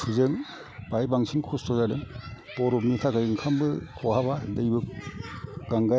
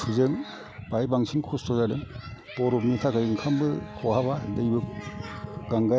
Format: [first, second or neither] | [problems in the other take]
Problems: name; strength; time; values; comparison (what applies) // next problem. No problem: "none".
first | background sound (Wind instrument, woodwind instrument); 18 dB below the speech